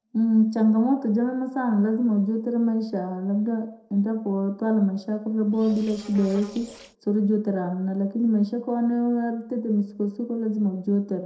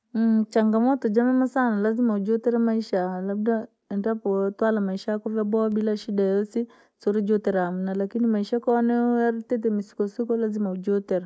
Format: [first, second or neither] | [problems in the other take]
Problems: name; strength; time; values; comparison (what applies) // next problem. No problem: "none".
second | noise reduction (neural separator model SepFormer DNS4)